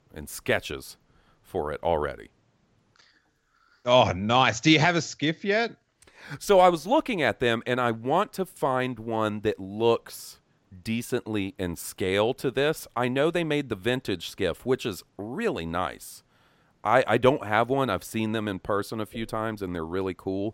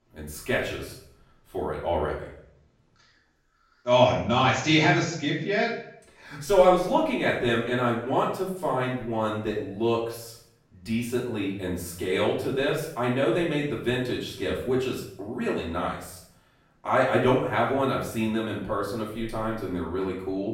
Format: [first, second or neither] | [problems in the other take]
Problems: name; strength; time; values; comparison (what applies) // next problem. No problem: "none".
first | room echo; noticeable; dies away in 0.6 s // off-mic speech; far